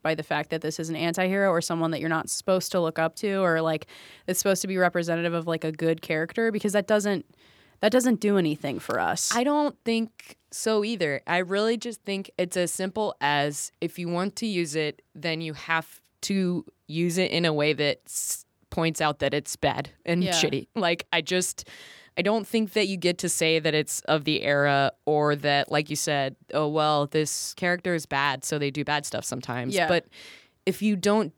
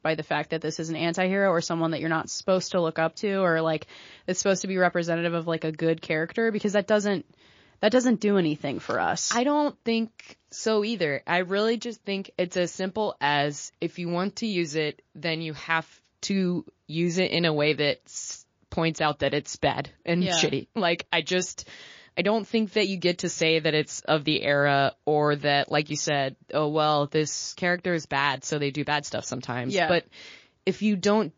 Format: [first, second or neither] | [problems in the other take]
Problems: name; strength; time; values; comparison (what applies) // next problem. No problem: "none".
first | garbled, watery; slightly